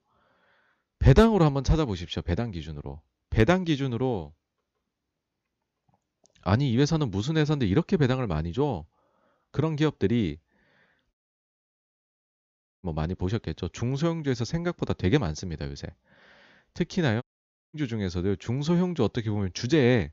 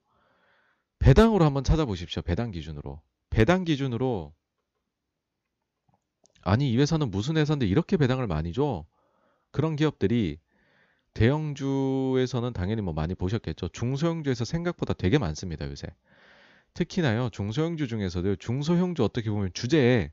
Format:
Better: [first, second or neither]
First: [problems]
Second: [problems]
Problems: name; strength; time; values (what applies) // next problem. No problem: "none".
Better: second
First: audio cutting out; at 11 s for 1.5 s and at 17 s for 0.5 s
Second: none